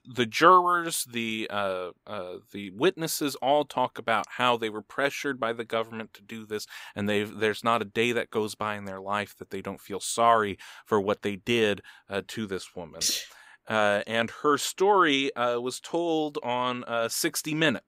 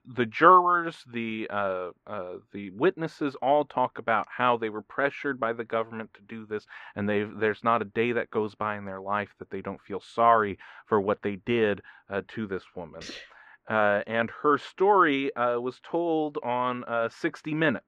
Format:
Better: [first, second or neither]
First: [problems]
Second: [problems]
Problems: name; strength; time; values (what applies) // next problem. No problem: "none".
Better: first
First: none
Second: muffled; very; fading above 1.5 kHz